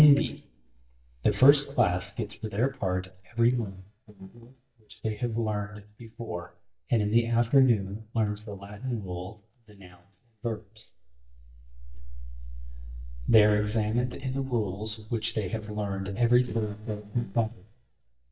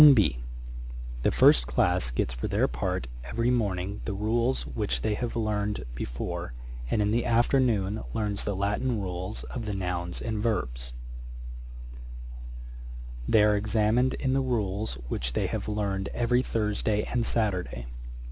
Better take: second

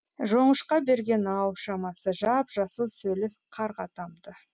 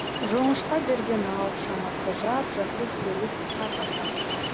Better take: first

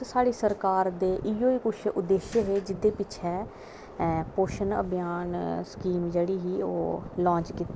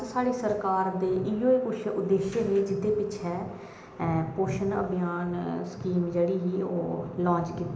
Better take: first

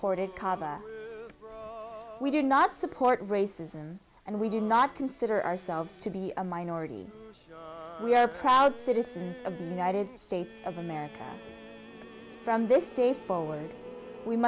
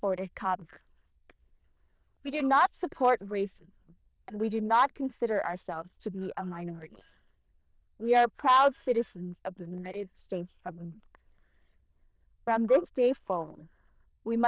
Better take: first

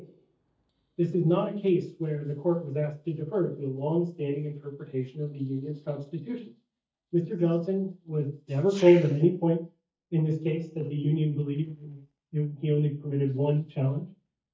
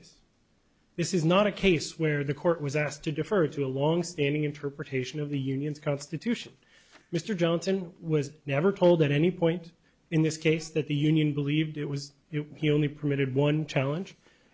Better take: second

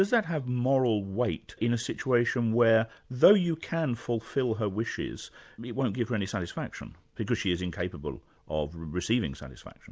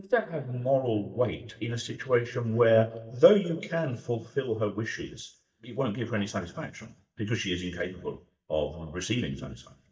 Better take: first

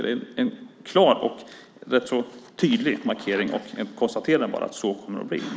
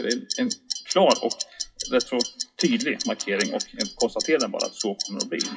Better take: first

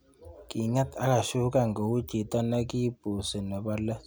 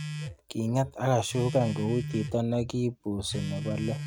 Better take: first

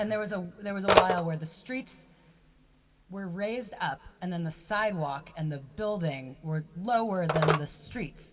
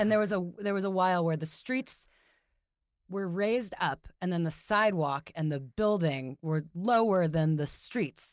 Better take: second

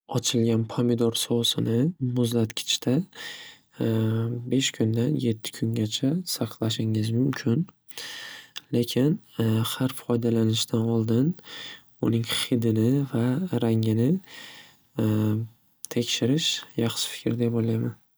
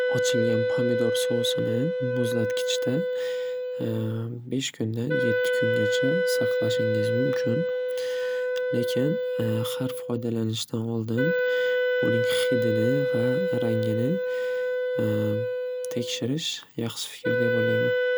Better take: first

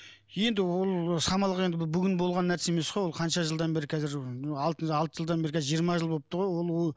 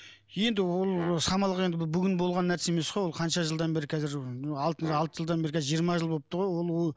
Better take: first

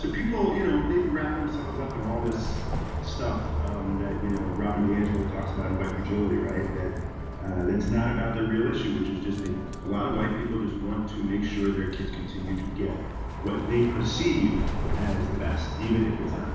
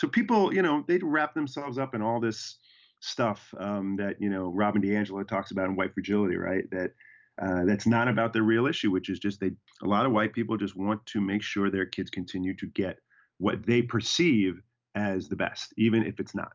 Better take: second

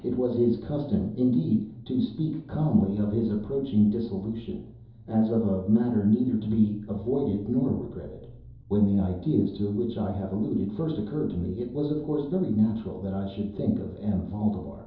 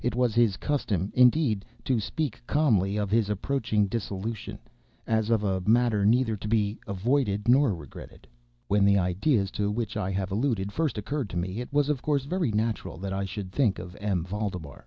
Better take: second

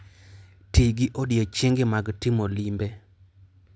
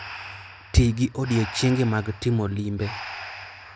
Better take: first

